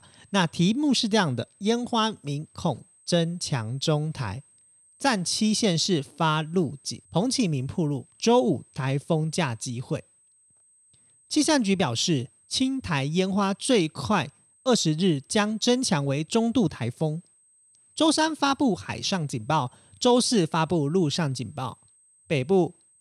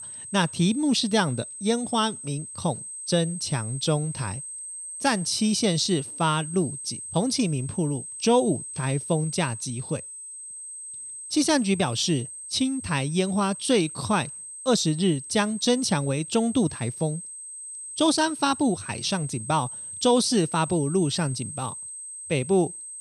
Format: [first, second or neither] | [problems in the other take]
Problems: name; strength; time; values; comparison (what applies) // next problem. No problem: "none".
first | high-pitched whine; loud; throughout; 8.5 kHz, 10 dB below the speech; faint in the first